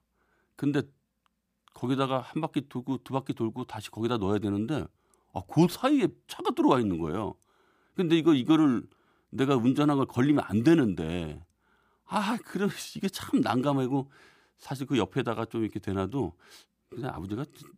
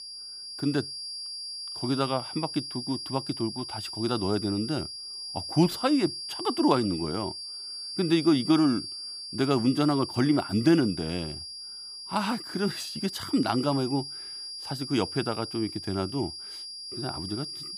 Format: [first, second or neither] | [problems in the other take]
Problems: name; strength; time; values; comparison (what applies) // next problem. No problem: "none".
first | high-pitched whine; loud; throughout; 4.5 kHz, 7 dB below the speech